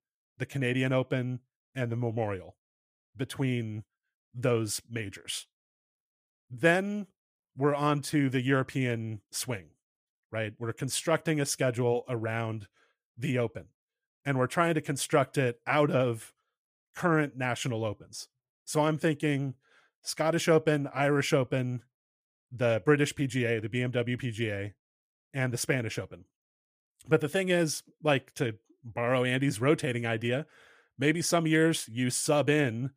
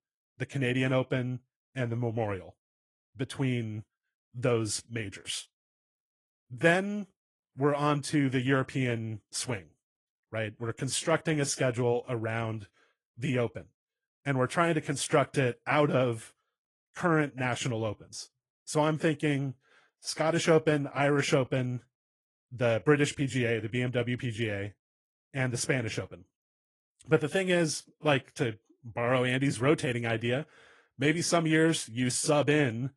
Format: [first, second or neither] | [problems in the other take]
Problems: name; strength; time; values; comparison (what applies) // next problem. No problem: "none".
first | garbled, watery; slightly; nothing above 10.5 kHz